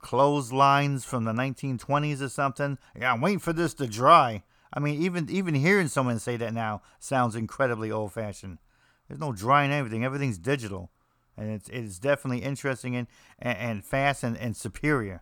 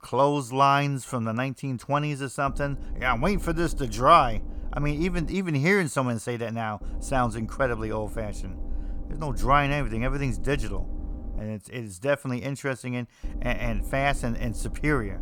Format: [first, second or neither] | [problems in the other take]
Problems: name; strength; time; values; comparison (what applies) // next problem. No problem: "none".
first | low rumble; faint; from 2.5 to 5.5 s, from 7 to 11 s and from 13 s on; 25 dB below the speech